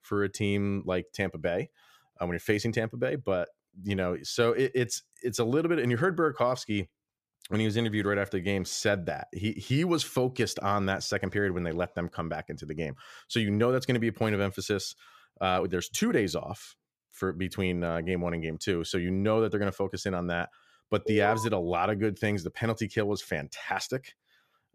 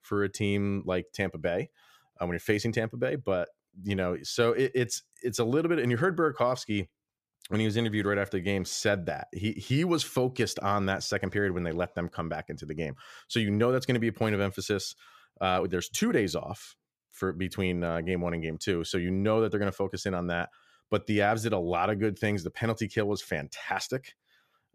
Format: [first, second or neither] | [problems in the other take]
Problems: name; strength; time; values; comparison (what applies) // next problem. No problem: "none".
second | alarm; noticeable; at 21 s; peak 3 dB below the speech